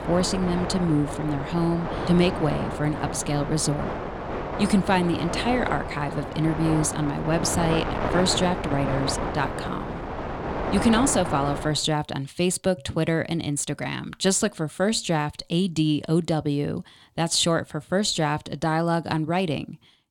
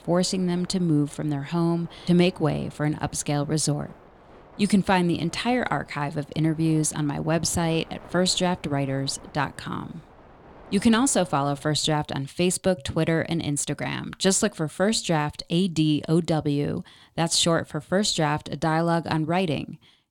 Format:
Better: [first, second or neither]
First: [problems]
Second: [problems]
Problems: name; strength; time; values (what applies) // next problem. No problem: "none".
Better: second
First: wind noise on the microphone; heavy; until 12 s; 3 dB below the speech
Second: wind noise on the microphone; occasional gusts; until 12 s; 25 dB below the speech